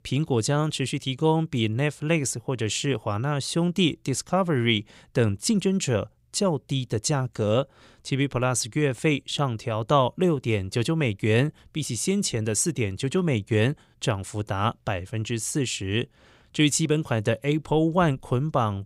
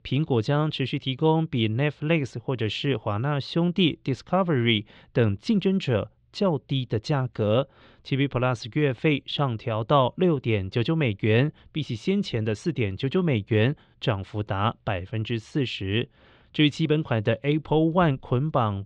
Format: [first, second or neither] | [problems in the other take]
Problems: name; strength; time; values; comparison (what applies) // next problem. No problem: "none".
first | muffled; slightly; fading above 3.5 kHz